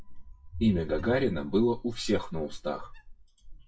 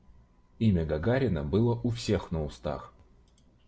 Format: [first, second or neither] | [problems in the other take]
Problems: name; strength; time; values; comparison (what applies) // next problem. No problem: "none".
second | noise reduction (classical method WPE with log-MMSE)